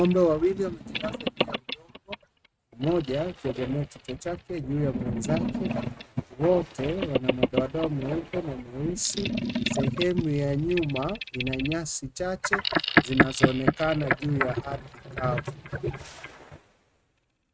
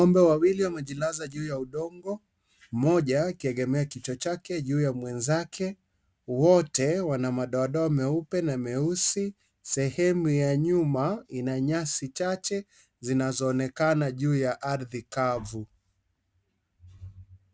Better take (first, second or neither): second